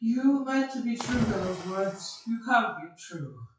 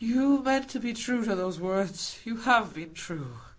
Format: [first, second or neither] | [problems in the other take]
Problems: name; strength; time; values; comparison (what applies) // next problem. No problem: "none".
second | noise reduction (classical method WPE with log-MMSE)